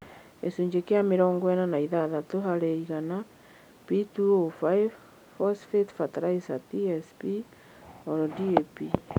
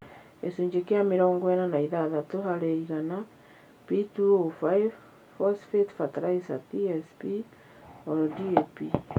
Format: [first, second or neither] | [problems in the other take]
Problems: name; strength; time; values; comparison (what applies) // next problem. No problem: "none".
first | room echo; dies away in 0.2 s